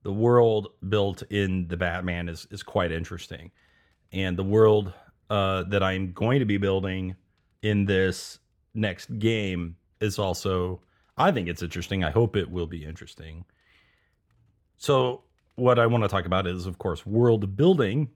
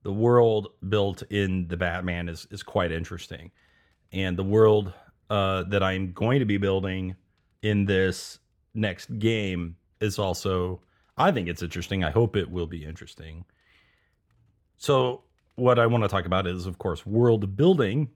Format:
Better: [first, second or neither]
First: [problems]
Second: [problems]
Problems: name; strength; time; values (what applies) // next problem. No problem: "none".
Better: neither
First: muffled; slightly; fading above 3.5 kHz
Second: muffled; slightly; fading above 3.5 kHz